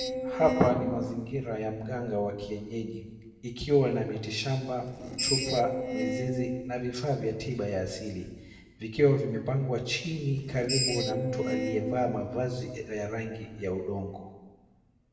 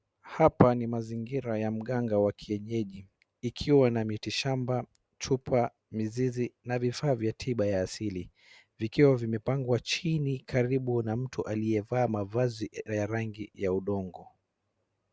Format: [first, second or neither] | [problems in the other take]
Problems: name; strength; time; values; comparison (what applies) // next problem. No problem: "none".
second | background sound (Screech); 6 dB below the speech // room echo; dies away in 1.1 s